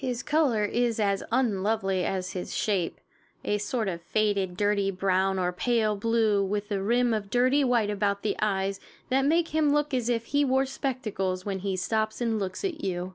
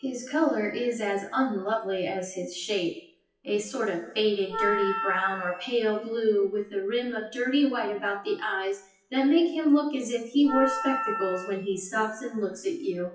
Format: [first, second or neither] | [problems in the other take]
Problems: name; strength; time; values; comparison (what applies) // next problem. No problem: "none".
first | noise reduction (classical method WPE with log-MMSE)